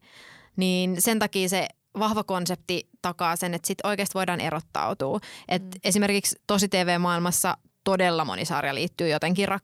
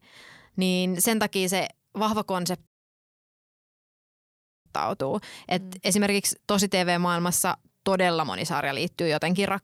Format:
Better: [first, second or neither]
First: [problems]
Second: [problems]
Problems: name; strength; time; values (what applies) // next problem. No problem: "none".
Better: first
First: none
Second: audio cutting out; at 2.5 s for 2 s